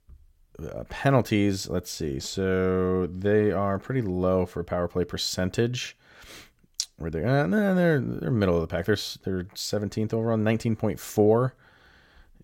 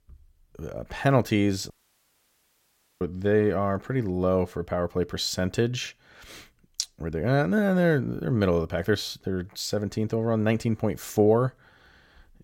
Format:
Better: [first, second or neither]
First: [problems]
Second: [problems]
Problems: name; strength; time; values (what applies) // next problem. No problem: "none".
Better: first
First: none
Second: audio cutting out; at 1.5 s for 1.5 s